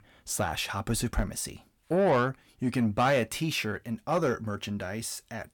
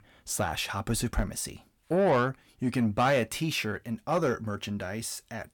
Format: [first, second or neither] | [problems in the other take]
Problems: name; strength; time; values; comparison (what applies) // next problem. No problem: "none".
neither | distortion; slight; 10 dB below the speech; the same in both